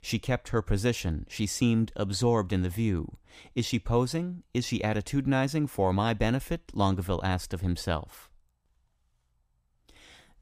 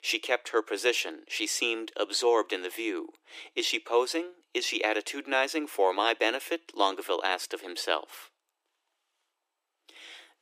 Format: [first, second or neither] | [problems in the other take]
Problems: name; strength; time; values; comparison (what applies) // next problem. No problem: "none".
first | thin; very; fading below 300 Hz